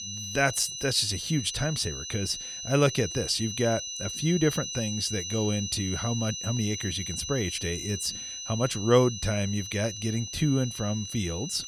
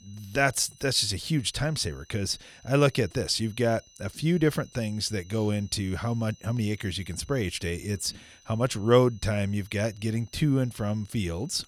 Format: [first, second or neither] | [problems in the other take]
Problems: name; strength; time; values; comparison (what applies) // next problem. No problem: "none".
second | high-pitched whine; loud; throughout; 6 kHz, 6 dB below the speech; faint in the second